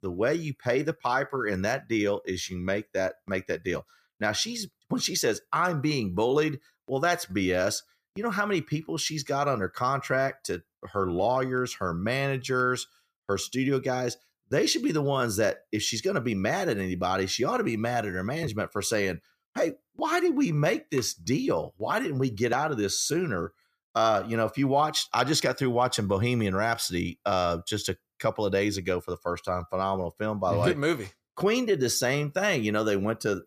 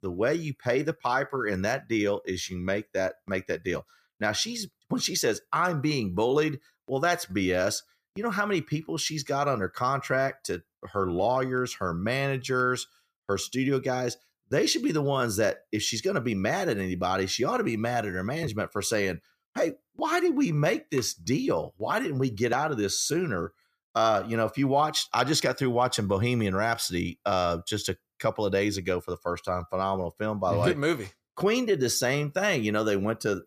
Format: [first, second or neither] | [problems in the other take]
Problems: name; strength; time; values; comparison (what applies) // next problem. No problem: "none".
neither | none